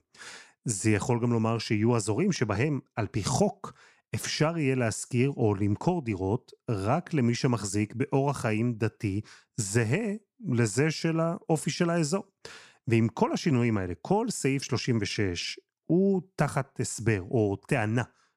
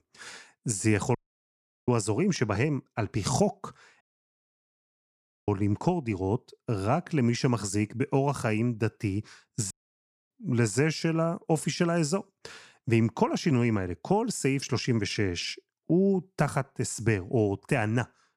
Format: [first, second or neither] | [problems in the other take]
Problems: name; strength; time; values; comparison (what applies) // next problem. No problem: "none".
first | audio cutting out; at 1 s for 0.5 s, at 4 s for 1.5 s and at 9.5 s for 0.5 s